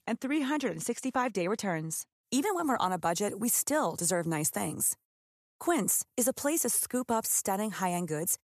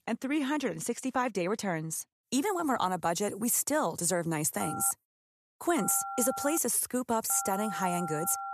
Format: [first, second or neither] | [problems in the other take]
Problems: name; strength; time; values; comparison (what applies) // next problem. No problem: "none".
first | phone ringing; noticeable; from 4.5 s on; peak 7 dB below the speech